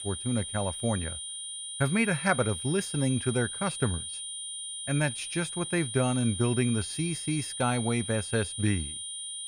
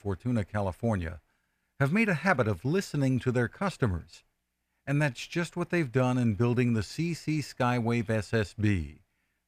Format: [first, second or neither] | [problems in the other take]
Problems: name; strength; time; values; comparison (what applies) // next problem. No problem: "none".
second | high-pitched whine; loud; throughout; 9.5 kHz, 5 dB below the speech